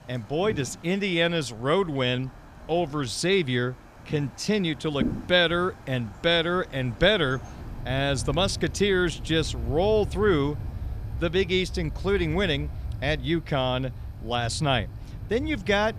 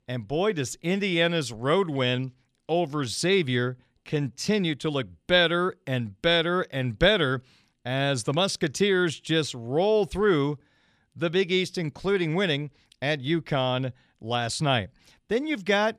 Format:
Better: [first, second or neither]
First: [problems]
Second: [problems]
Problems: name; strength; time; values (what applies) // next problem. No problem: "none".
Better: second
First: wind in the background; noticeable; throughout; 10 dB below the speech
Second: none